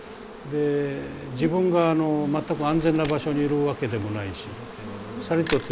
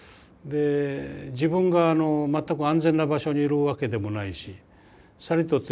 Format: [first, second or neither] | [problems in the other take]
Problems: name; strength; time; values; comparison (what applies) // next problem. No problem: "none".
second | background sound (Camera + Insect); 12 dB below the speech